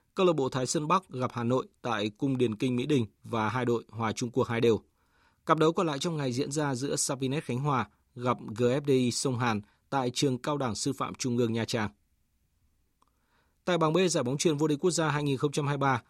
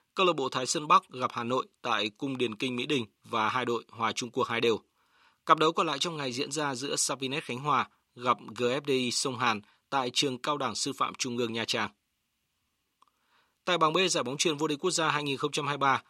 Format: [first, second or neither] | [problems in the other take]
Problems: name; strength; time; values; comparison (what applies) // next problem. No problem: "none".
first | thin; somewhat; fading below 350 Hz